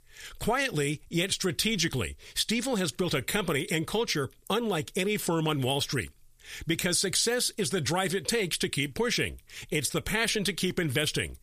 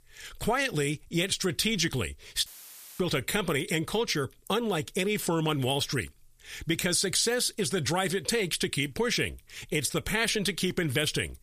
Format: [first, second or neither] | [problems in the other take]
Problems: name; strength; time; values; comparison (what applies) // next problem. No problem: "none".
first | audio cutting out; filled with static; at 2.5 s for 0.5 s